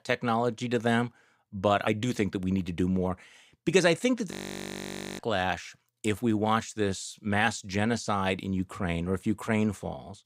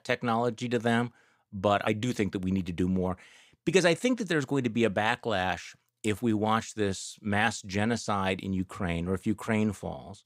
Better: second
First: audio freezing; at 4.5 s for 1 s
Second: none

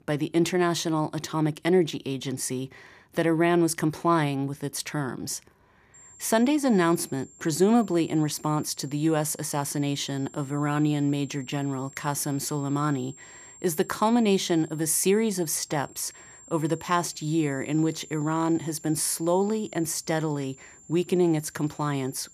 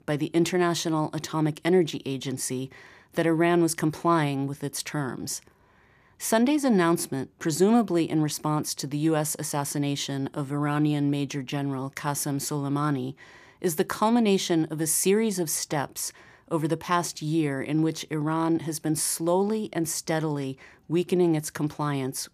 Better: second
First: high-pitched whine; faint; from 6 s on; 7.5 kHz, 20 dB below the speech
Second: none

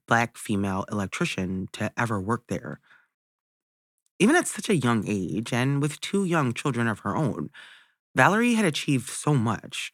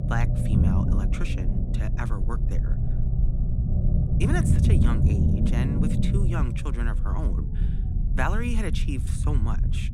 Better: first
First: none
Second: low rumble; loud; throughout; 2 dB below the speech

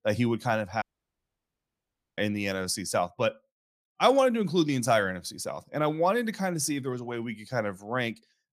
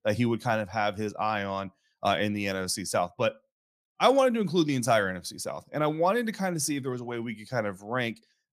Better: second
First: audio cutting out; at 1 s for 1.5 s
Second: none

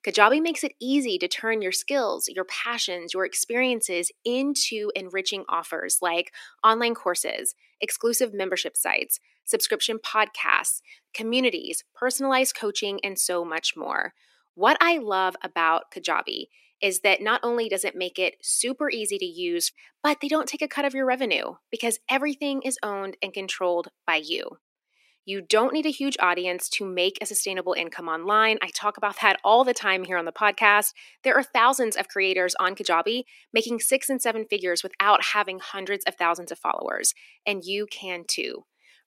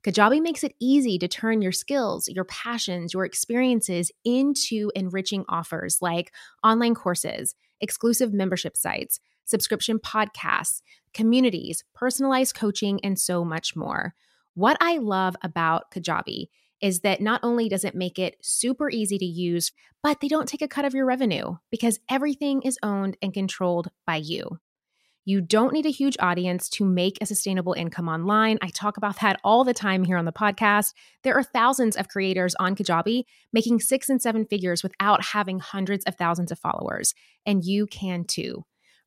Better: second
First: thin; somewhat; fading below 300 Hz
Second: none

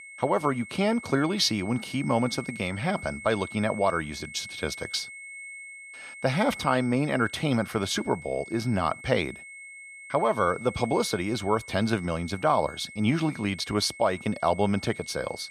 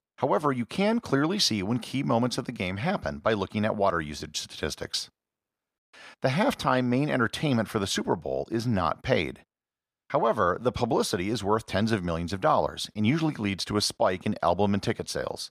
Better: second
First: high-pitched whine; noticeable; throughout; 2 kHz, 15 dB below the speech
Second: none

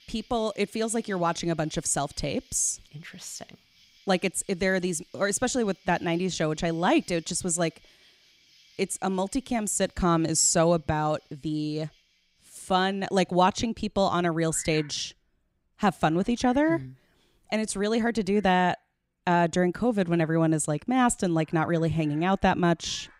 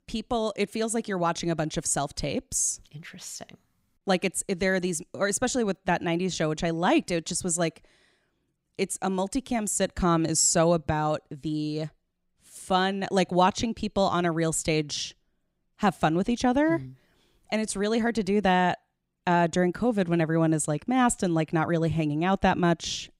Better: second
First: animal sounds; faint; throughout; 30 dB below the speech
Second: none

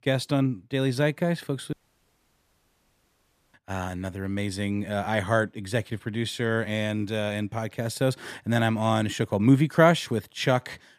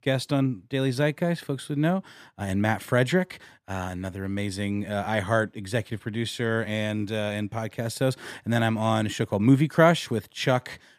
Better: second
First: audio cutting out; at 1.5 s for 2 s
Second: none

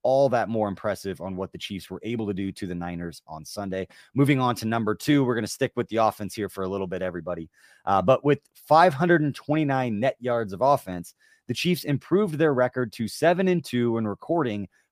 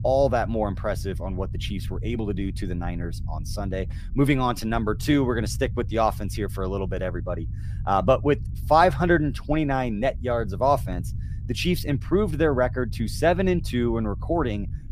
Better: first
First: none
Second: low rumble; faint; throughout; 25 dB below the speech

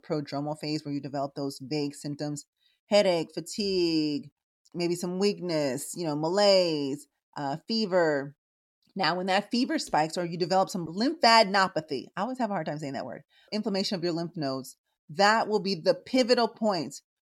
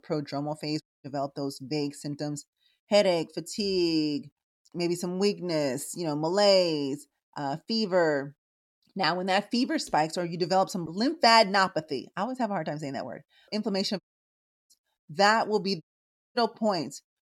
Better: first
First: none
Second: audio cutting out; at 1 s, at 14 s for 0.5 s and at 16 s for 0.5 s

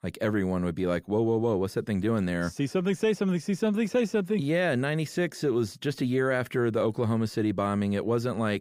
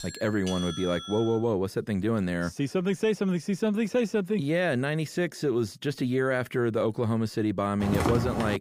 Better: first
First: none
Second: doorbell; noticeable; until 1.5 s; peak 9 dB below the speech // footsteps; noticeable; at 8 s; peak level with the speech

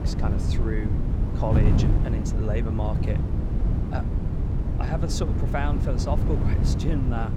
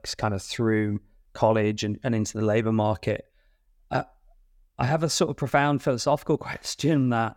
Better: second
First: wind noise on the microphone; heavy; 2 dB below the speech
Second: none

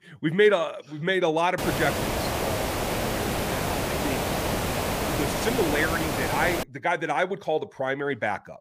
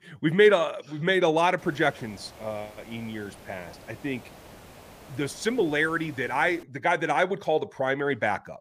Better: second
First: hiss; loud; from 1.5 to 6.5 s; 1 dB below the speech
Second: hiss; faint; from 1.5 to 6.5 s; 25 dB below the speech

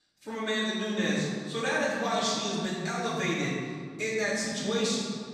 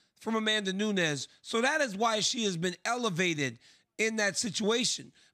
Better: second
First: room echo; strong; dies away in 1.9 s // off-mic speech; far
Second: none

